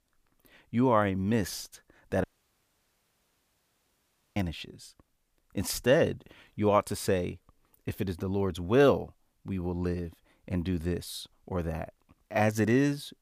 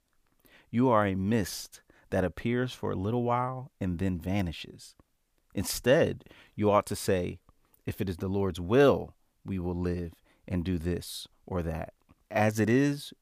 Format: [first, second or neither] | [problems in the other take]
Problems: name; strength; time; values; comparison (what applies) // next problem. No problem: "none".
second | audio cutting out; at 2 s for 2 s